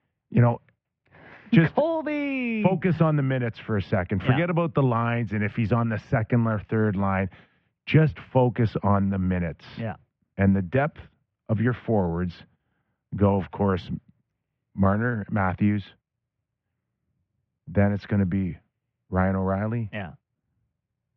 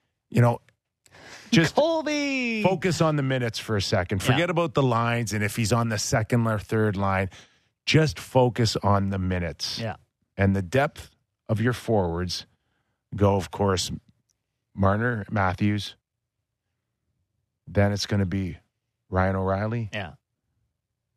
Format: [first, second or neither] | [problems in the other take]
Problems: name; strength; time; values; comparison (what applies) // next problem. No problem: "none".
second | muffled; very; fading above 2.5 kHz